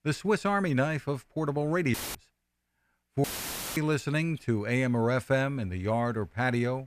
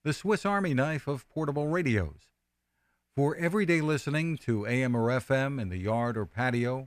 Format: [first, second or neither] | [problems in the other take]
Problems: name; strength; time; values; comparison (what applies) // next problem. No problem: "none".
second | audio cutting out; filled with static; at 2 s and at 3 s for 0.5 s